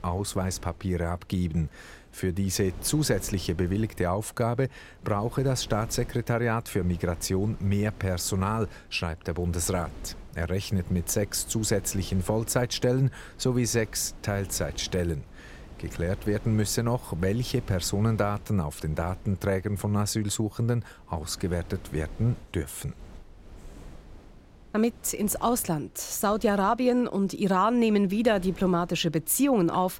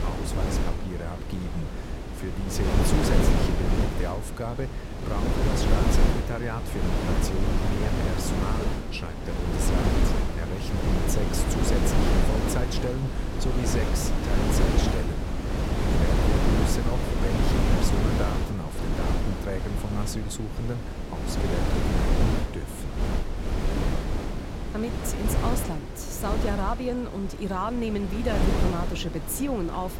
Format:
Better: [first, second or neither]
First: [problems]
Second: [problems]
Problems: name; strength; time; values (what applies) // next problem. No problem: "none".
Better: first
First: wind noise on the microphone; occasional gusts; 25 dB below the speech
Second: wind noise on the microphone; heavy; 2 dB above the speech